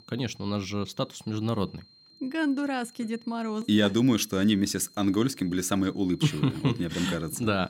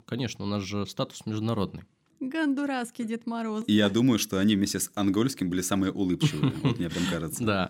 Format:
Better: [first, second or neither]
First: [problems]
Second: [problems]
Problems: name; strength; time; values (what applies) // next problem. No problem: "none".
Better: second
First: high-pitched whine; faint; throughout; 4 kHz, 25 dB below the speech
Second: none